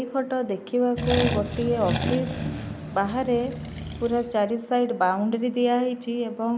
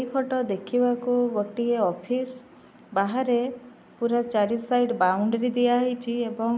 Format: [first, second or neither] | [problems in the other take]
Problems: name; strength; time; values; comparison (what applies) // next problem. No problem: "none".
second | background sound (Accelerating, revving, vroom); 5 dB below the speech